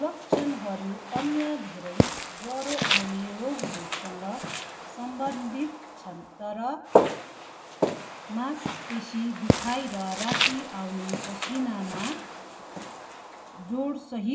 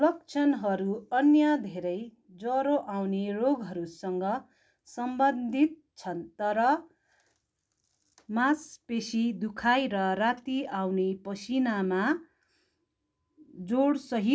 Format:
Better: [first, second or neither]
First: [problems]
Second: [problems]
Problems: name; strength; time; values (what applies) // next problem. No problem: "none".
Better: second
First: background sound (Walk, footsteps); 3 dB above the speech // room echo; dies away in 2.9 s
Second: none